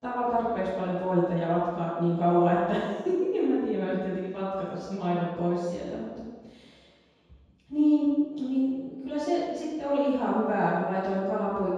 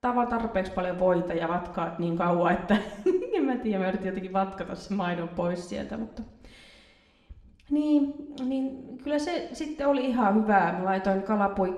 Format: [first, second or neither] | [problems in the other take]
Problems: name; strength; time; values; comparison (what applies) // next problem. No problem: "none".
second | room echo; strong; dies away in 1.2 s; slight in the second // off-mic speech; far; somewhat distant in the second